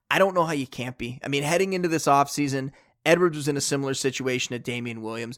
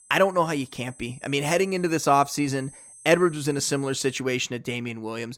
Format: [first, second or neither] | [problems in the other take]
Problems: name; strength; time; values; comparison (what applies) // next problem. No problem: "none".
first | high-pitched whine; faint; until 4 s; 8.5 kHz, 20 dB below the speech